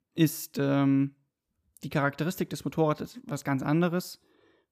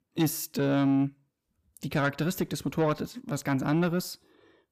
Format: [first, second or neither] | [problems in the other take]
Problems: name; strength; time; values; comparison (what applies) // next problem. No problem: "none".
first | distortion; slight; 10 dB below the speech